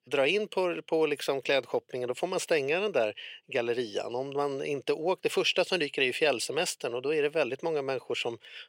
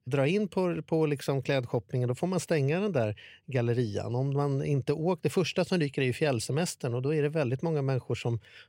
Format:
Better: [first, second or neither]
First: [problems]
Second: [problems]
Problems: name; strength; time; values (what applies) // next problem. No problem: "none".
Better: second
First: thin; somewhat; fading below 450 Hz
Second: none